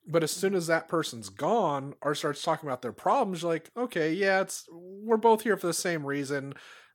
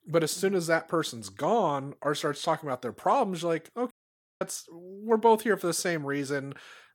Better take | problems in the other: first | audio cutting out; at 4 s for 0.5 s

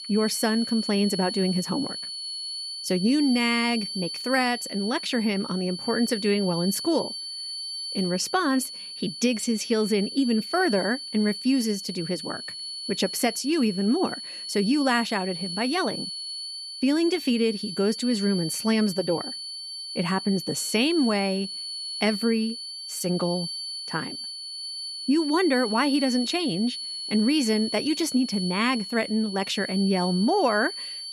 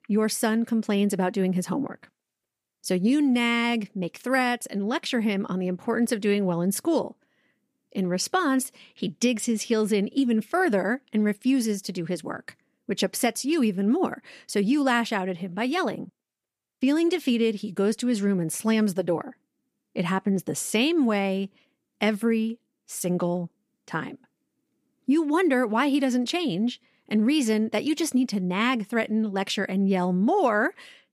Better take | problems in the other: second | high-pitched whine; loud; throughout; 4.5 kHz, 7 dB below the speech

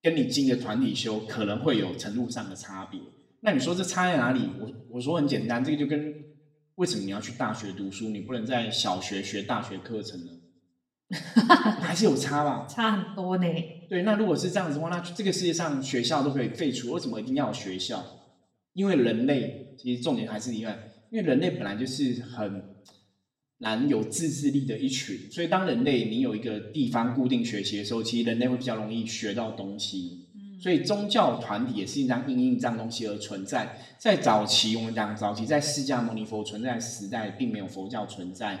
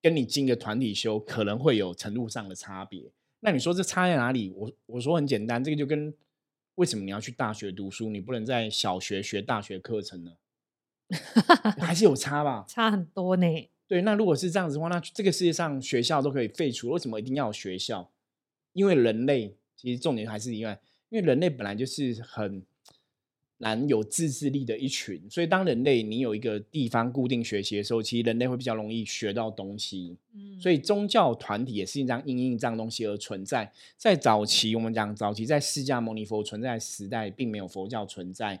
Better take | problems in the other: second | room echo; slight; dies away in 0.6 s // off-mic speech; somewhat distant

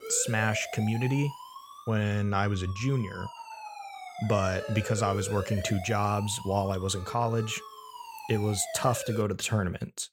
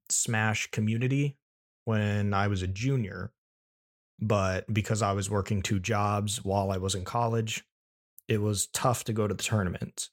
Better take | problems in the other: second | siren; noticeable; until 9 s; peak 7 dB below the speech

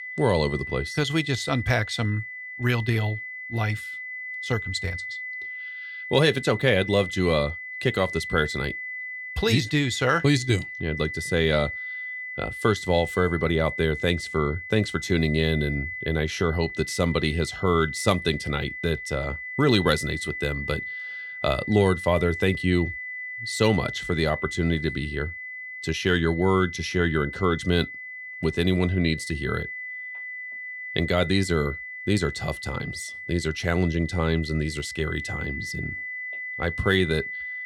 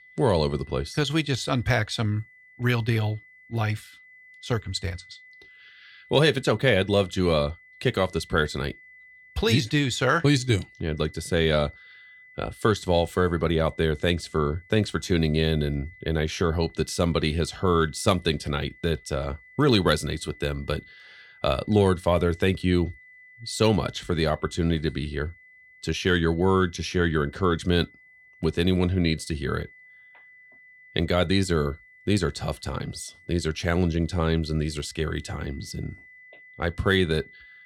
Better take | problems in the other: second | high-pitched whine; loud; throughout; 2 kHz, 8 dB below the speech; faint in the second

